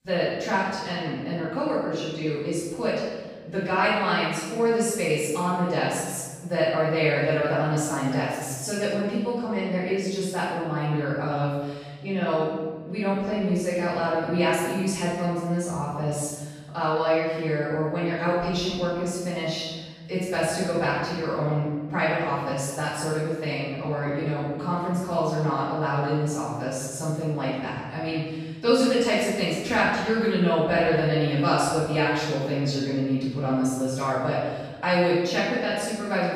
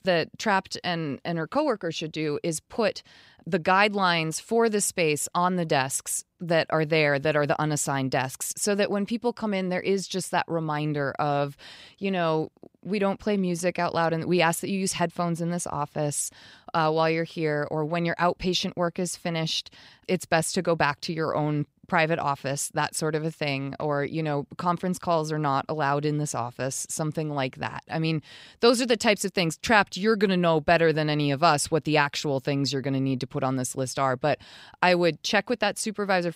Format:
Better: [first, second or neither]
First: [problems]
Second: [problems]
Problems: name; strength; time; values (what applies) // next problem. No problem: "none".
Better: second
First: room echo; strong; dies away in 1.3 s // off-mic speech; far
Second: none